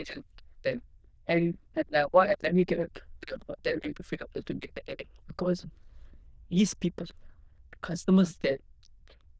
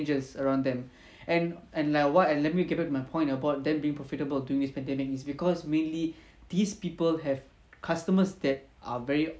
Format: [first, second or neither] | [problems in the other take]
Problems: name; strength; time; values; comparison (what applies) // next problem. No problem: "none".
second | noise reduction (neural diffusion model UNIVERSE++)